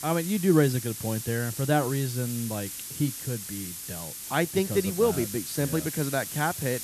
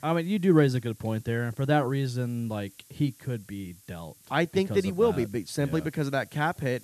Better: second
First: hiss; loud; throughout; 7 dB below the speech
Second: hiss; faint; throughout; 25 dB below the speech

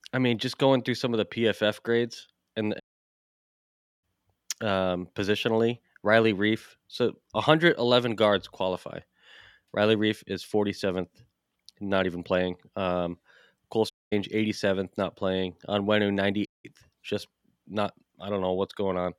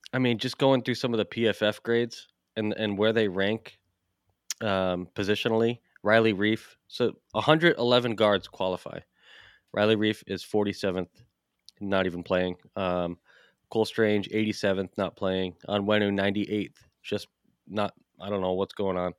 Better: second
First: audio cutting out; at 3 s for 1 s, at 14 s and at 16 s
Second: none

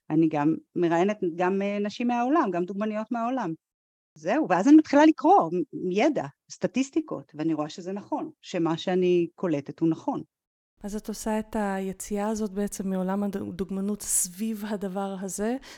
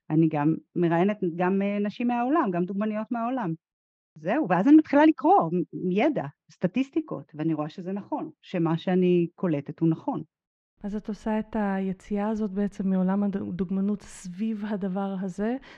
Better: first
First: none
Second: muffled; very; fading above 2.5 kHz

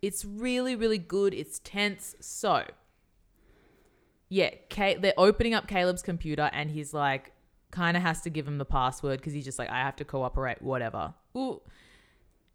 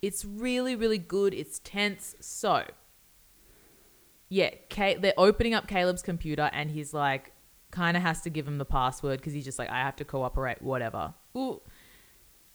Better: first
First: none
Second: hiss; faint; throughout; 30 dB below the speech

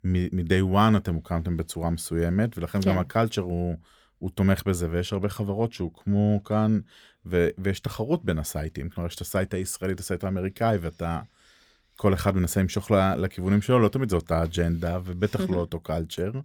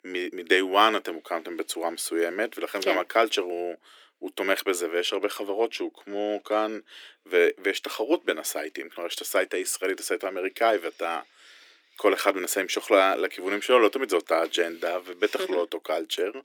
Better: first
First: none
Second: thin; very; fading below 300 Hz

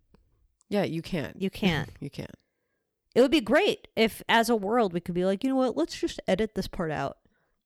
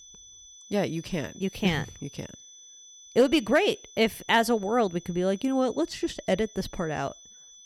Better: first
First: none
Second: high-pitched whine; faint; throughout; 6 kHz, 20 dB below the speech

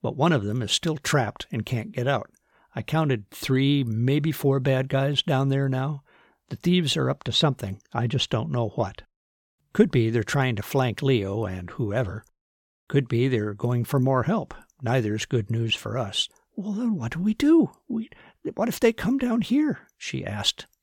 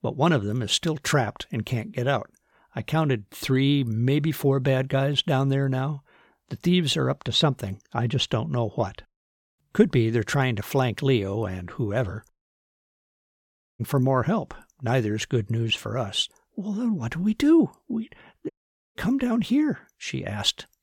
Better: first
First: none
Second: audio cutting out; at 13 s for 1 s and at 19 s

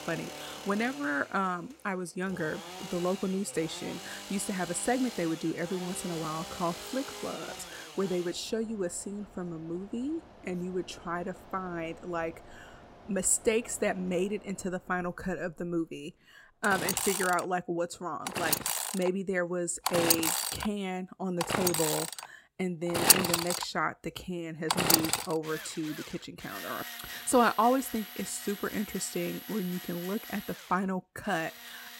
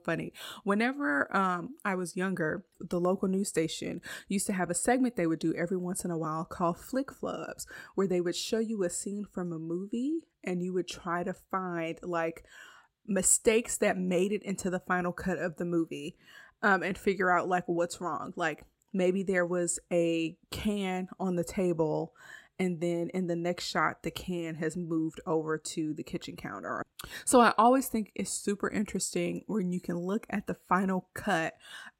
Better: second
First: machinery noise; very loud; throughout; as loud as the speech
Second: none

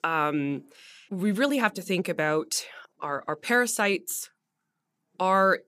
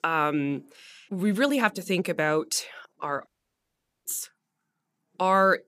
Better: first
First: none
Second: audio cutting out; at 3.5 s for 1 s

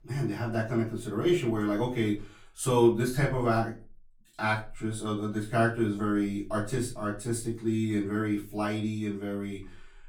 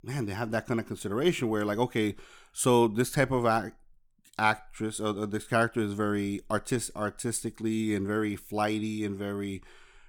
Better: second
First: off-mic speech; far // room echo; slight; dies away in 0.3 s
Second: none

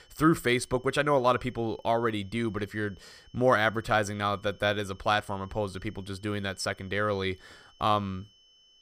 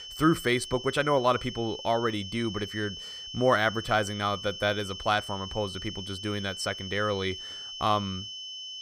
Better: first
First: high-pitched whine; faint; throughout; 3 kHz, 30 dB below the speech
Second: high-pitched whine; loud; throughout; 3 kHz, 9 dB below the speech

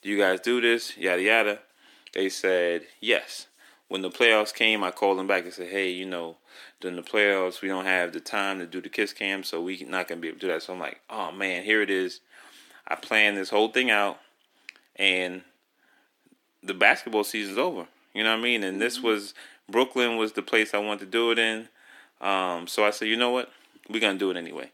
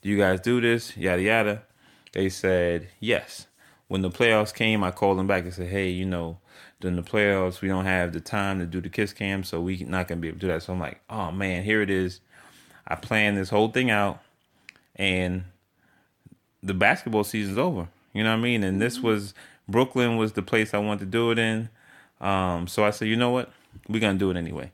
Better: second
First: thin; somewhat; fading below 300 Hz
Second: none

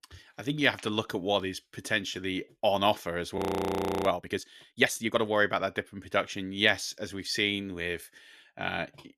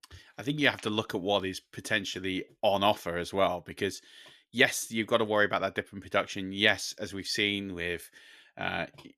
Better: second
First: audio freezing; at 3.5 s for 0.5 s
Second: none

